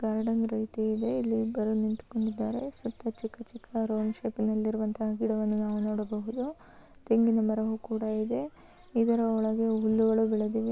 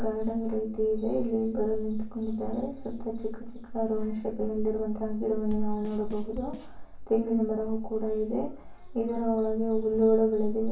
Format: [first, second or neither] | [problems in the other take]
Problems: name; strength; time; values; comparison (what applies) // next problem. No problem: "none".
first | background sound (Bass drum / Snare drum / Drum kit); 18 dB below the speech // room echo; dies away in 0.4 s